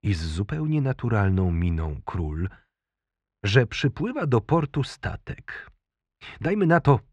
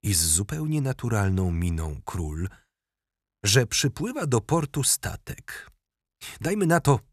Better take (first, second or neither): second